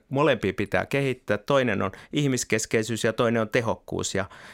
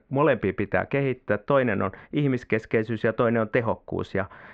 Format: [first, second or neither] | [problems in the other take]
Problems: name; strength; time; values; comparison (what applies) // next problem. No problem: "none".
first | muffled; very; fading above 2 kHz